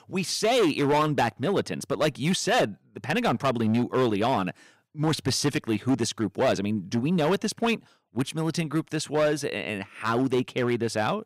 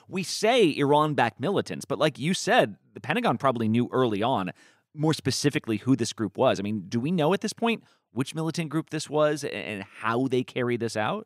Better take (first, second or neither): second